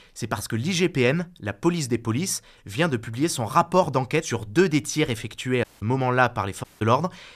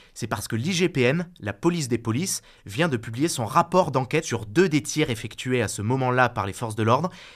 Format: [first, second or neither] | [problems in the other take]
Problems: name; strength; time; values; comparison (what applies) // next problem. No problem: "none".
second | audio cutting out; at 5.5 s and at 6.5 s